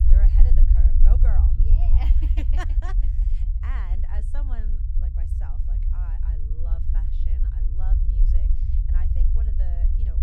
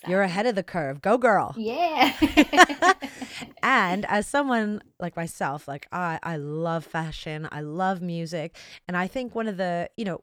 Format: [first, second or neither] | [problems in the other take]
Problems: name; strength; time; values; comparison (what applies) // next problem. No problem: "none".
second | low rumble; loud; throughout; as loud as the speech